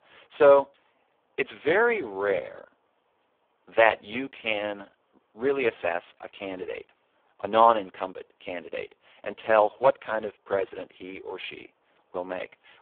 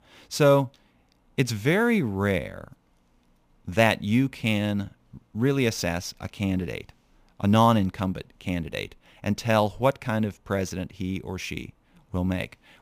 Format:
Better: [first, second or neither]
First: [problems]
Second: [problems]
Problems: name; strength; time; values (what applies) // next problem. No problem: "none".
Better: second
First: phone-call audio; poor line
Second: none